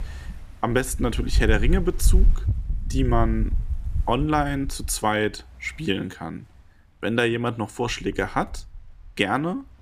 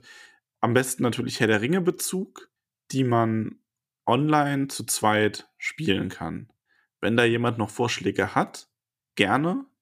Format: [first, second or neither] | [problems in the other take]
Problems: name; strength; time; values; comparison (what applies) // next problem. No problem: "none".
second | wind noise on the microphone; occasional gusts; 20 dB below the speech